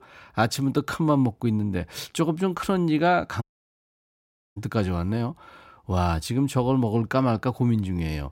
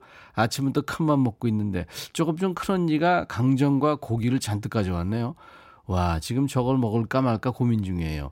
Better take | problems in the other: second | audio cutting out; at 3.5 s for 1 s

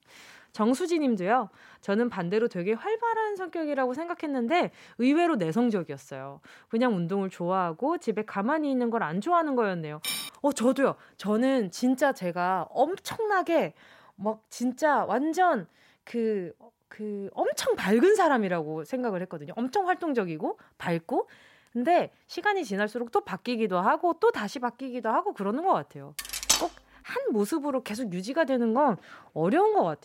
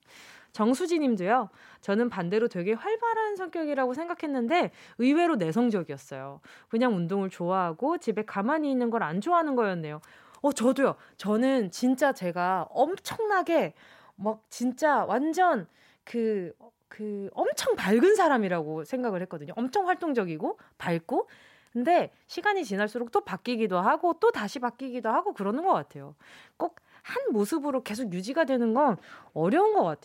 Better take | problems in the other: second | clattering dishes; noticeable; at 10 s; peak 4 dB below the speech // clattering dishes; loud; at 26 s; peak 3 dB above the speech

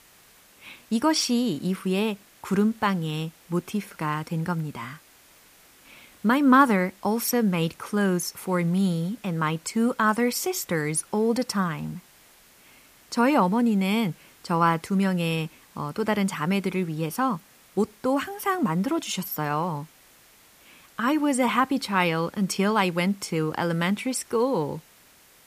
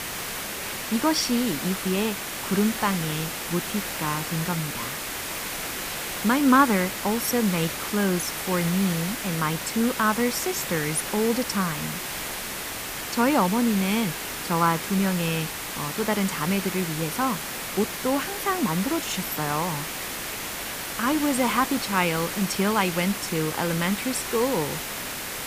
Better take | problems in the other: first | hiss; loud; throughout; 5 dB below the speech; faint in the first

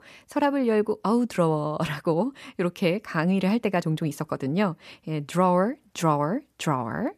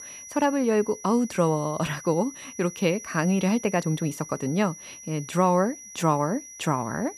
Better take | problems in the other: first | high-pitched whine; noticeable; throughout; 6 kHz, 15 dB below the speech

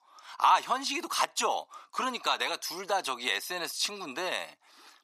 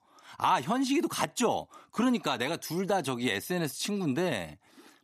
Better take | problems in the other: second | thin; very; fading below 550 Hz

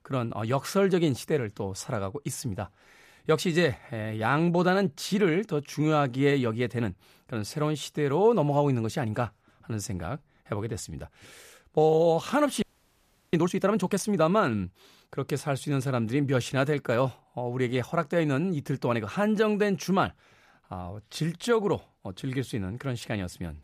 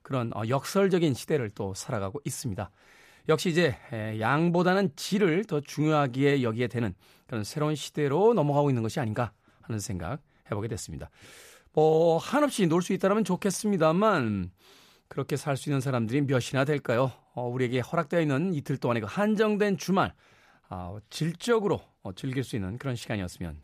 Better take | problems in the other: second | audio freezing; at 13 s for 0.5 s

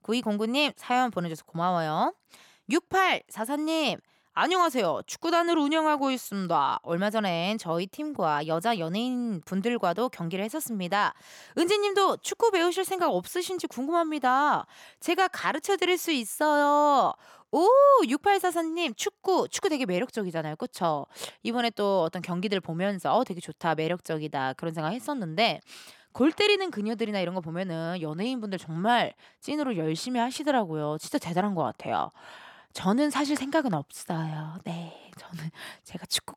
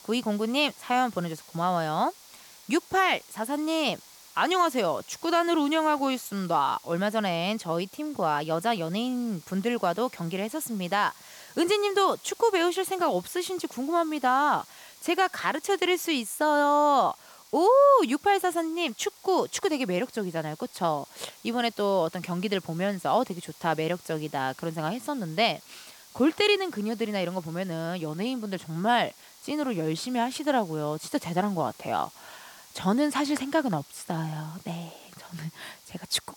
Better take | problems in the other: first | hiss; faint; throughout; 20 dB below the speech

